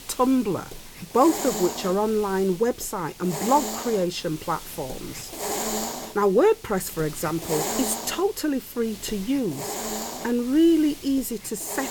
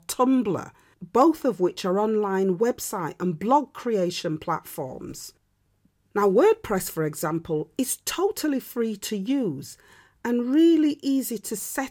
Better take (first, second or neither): second